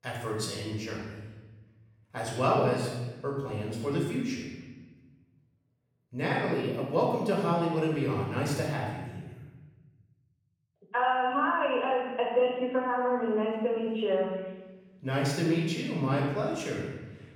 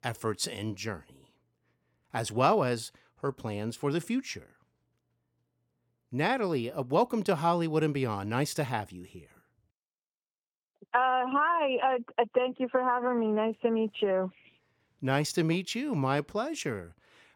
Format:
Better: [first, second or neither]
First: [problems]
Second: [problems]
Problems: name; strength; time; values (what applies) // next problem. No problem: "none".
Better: second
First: off-mic speech; far // room echo; noticeable; dies away in 1.2 s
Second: none